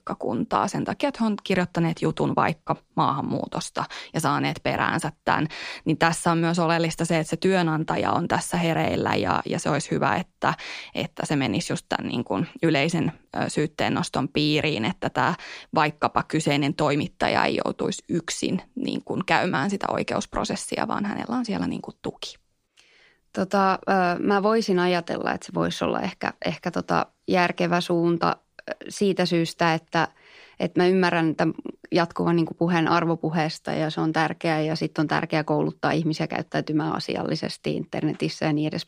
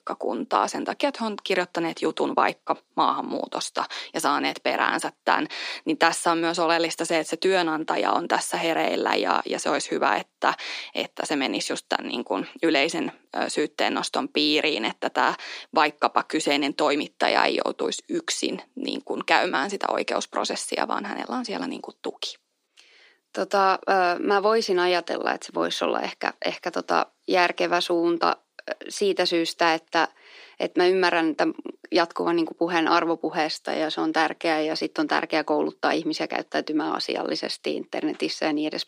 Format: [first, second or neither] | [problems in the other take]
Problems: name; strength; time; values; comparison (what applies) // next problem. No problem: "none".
first | thin; somewhat; fading below 300 Hz